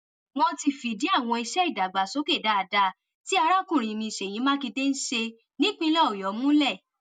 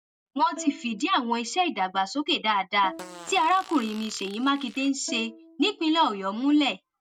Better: first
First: none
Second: background sound (Fart + Bowed string instrument); 19 dB below the speech

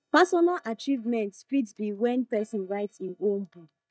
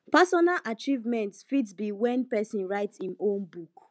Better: second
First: noise reduction (neural mask model DeepFilterNet 3)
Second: none

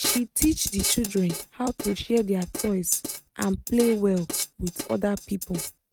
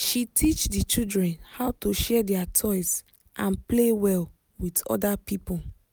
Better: second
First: noise reduction (neural mask model RNNoise)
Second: none

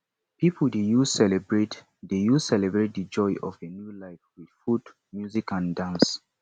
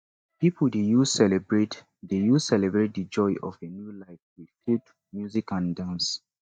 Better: first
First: none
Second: noise reduction (neural mask model DeepFilterNet 3)

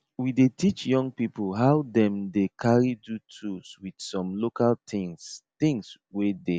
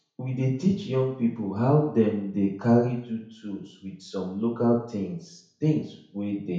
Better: first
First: none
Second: room echo; dies away in 0.6 s

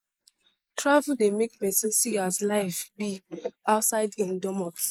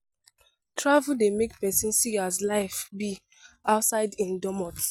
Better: second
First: noise reduction (neural mask model Resemble Enhance denoiser)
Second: none

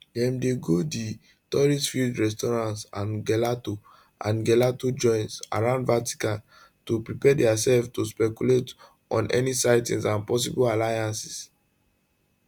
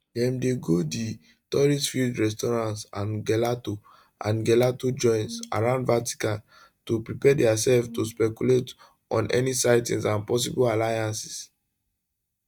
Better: first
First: none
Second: noise reduction (neural mask model DeepFilterNet 3)

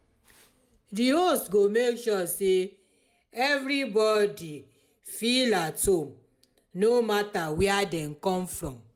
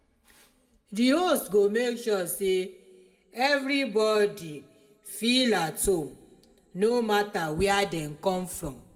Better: first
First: none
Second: room echo; dies away in 0.8 s

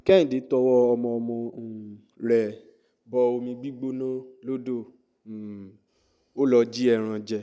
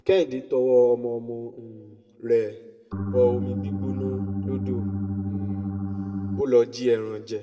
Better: first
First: none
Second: background sound (Organ); 3 dB below the speech // room echo; dies away in 1.5 s

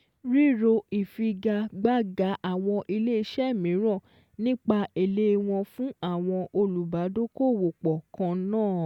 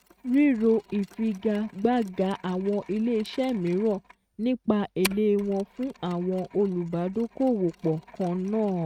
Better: first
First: none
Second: noise reduction (neural mask model RNNoise)

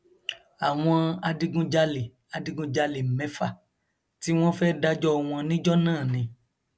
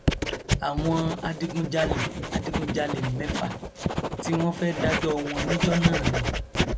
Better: first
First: none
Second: background sound (Writing); 1 dB above the speech

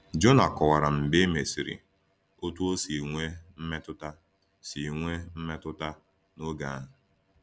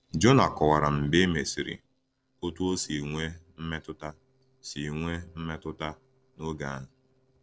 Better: first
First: none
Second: noise reduction (neural separator model SepFormer DNS4)

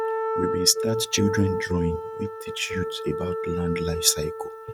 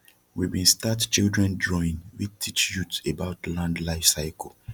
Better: second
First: noise reduction (neural mask model RNNoise)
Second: none

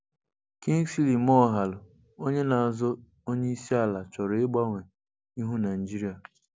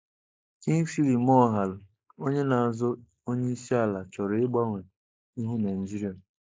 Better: first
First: none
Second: noise reduction (neural mask model Resemble Enhance denoiser)

